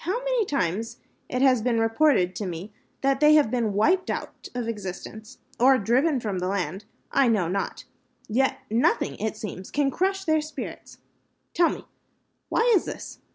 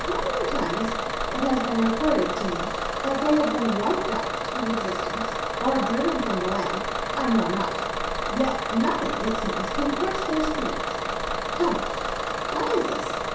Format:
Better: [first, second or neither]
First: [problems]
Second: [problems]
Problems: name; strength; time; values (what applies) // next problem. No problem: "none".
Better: first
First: none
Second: background sound (Bus / Engine); 1 dB below the speech // room echo; dies away in 0.7 s